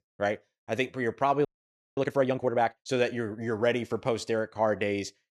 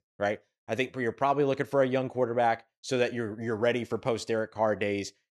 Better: second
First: audio freezing; at 1.5 s for 0.5 s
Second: none

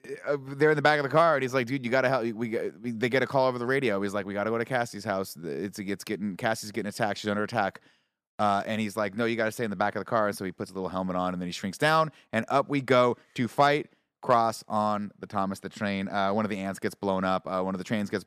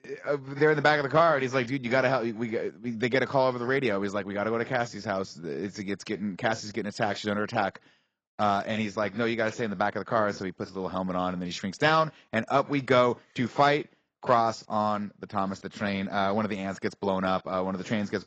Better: first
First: none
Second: garbled, watery; badly; nothing above 7.5 kHz

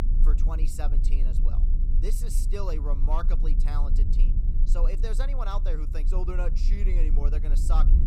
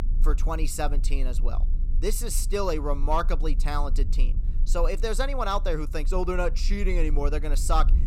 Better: second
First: low rumble; loud; throughout; 9 dB below the speech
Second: low rumble; faint; throughout; 20 dB below the speech

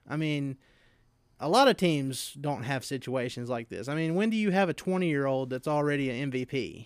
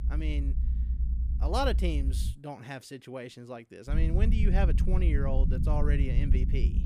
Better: first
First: none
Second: low rumble; loud; until 2.5 s and from 4 s on; 8 dB below the speech

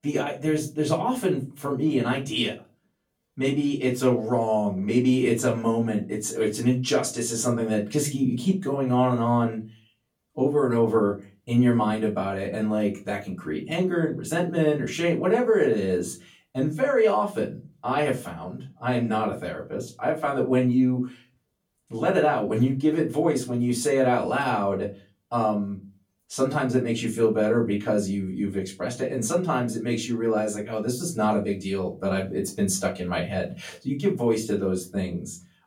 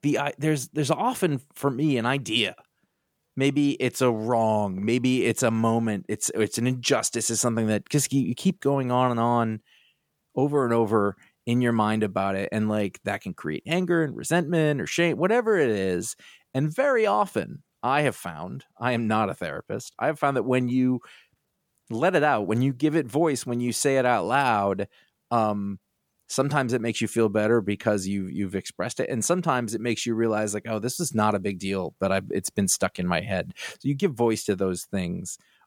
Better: second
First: off-mic speech; far // room echo; very slight; dies away in 0.3 s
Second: none

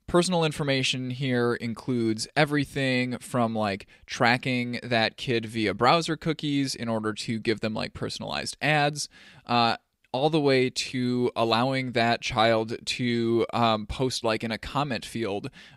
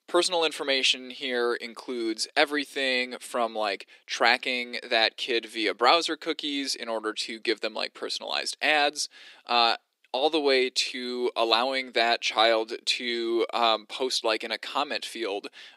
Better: first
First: none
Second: thin; somewhat; fading below 300 Hz

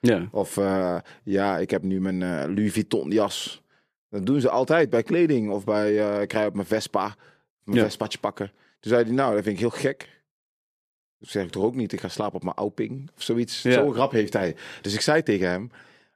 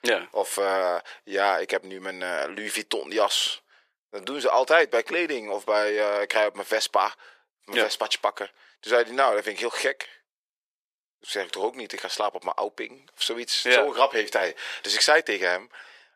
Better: first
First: none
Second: thin; very; fading below 550 Hz

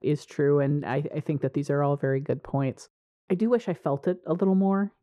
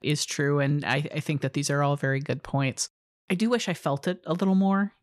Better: second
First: muffled; very; fading above 2 kHz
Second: none

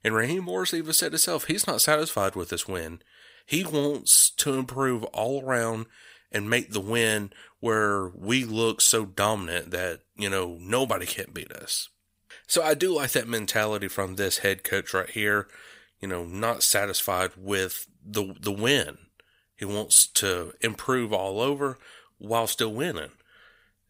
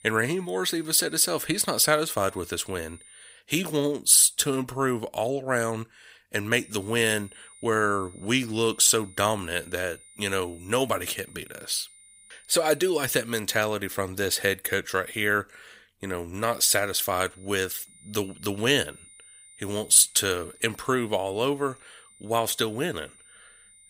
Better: first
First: none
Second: high-pitched whine; faint; until 3.5 s, from 6.5 to 13 s and from 16 s on; 9 kHz, 25 dB below the speech

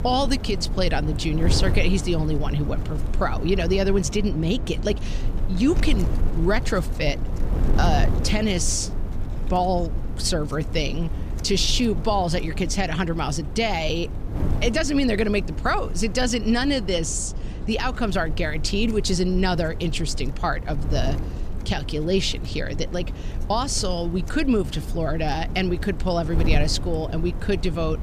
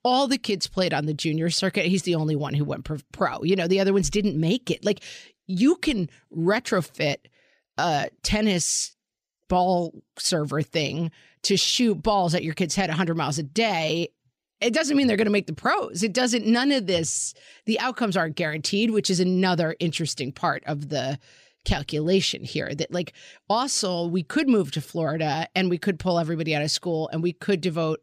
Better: second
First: wind noise on the microphone; occasional gusts; 15 dB below the speech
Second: none

